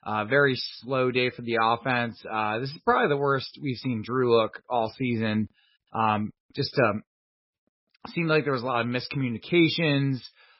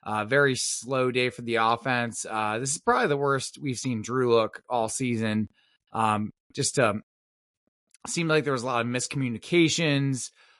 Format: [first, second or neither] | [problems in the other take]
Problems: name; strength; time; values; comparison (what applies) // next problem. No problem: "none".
second | garbled, watery; badly; nothing above 5.5 kHz; slightly in the second